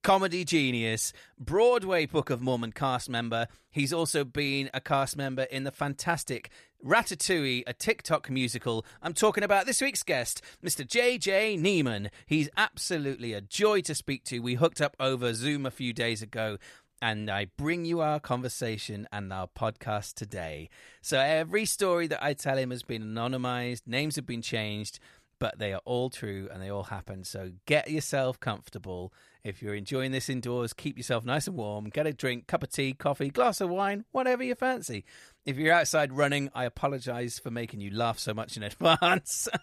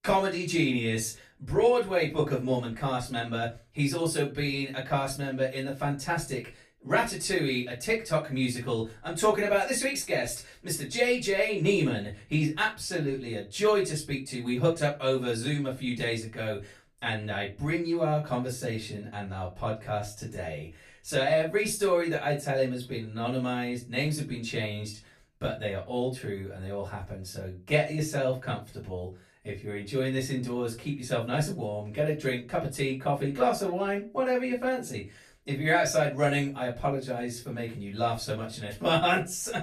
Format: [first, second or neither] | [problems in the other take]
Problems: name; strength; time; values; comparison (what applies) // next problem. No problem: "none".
first | off-mic speech; far // room echo; very slight; dies away in 0.2 s